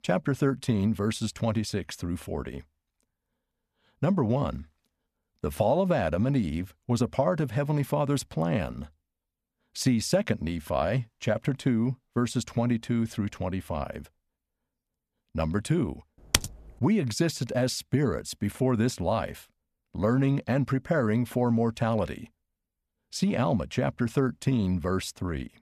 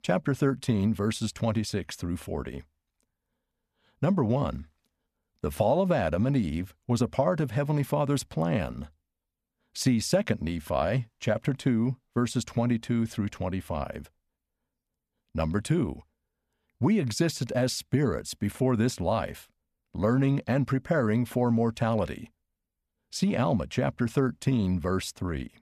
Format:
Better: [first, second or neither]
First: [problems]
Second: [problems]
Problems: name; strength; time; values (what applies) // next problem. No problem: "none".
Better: second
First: keyboard typing; loud; at 16 s; peak 1 dB above the speech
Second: none